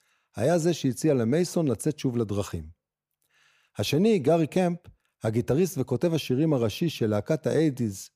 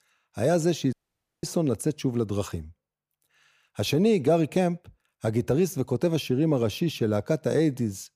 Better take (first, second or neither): first